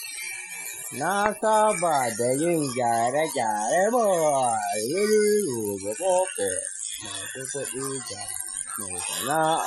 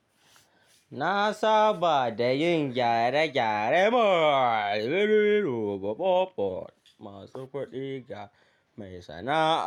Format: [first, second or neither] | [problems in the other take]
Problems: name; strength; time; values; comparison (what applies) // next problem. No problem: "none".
second | noise reduction (classical method Wiener filter)